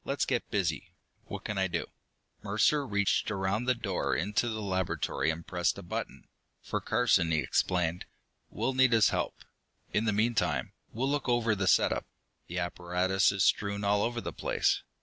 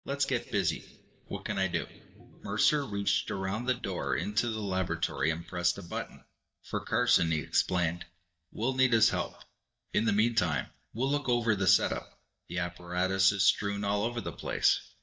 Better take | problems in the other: first | noise reduction (neural mask model DeepFilterNet 3)

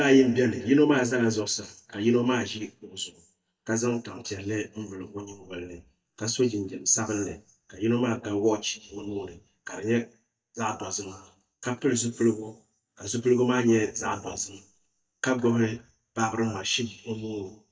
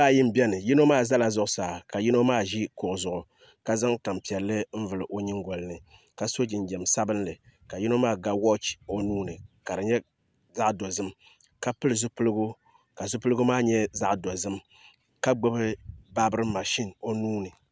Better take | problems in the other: second | noise reduction (neural mask model DeepFilterNet 3)

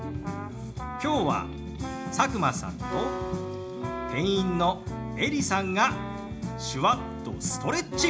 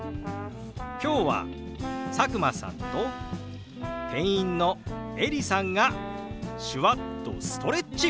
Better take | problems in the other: second | background sound (Acoustic guitar); 13 dB below the speech // room echo; dies away in 0.4 s

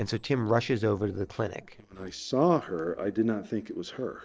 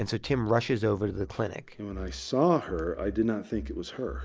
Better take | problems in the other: second | noise reduction (neural separator model SepFormer DNS4)

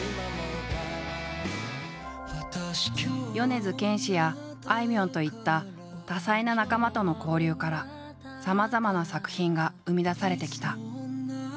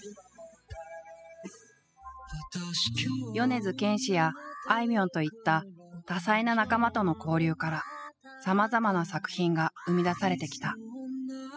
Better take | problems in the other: first | noise reduction (classical method spectral subtraction)

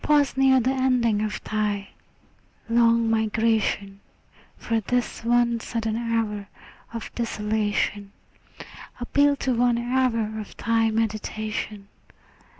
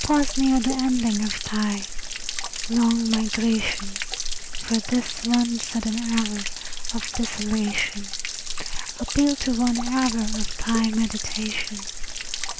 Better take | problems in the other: first | background sound (Stream / Trickle, dribble / Splash, splatter); 4 dB below the speech

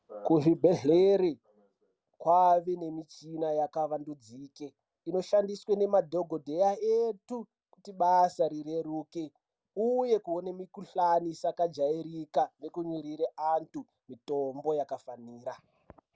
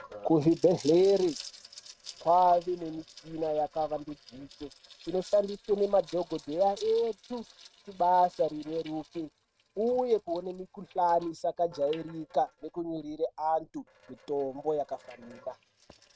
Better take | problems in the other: first | noise reduction (neural mask model RNNoise)

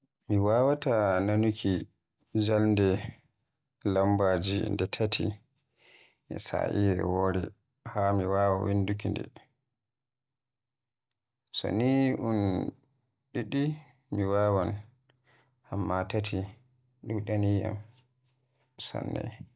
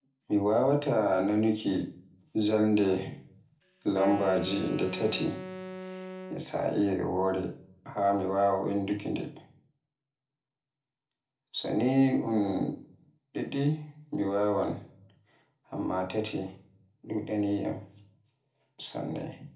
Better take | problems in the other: first | background sound (Wind instrument, woodwind instrument); 10 dB below the speech // room echo; dies away in 0.4 s

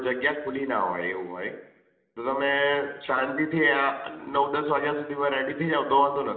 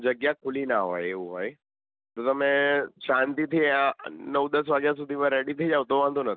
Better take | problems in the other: second | room echo; dies away in 0.9 s

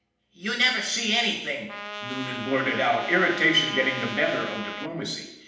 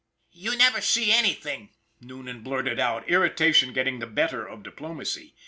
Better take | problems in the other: second | background sound (Trumpet); 9 dB below the speech // room echo; dies away in 0.8 s

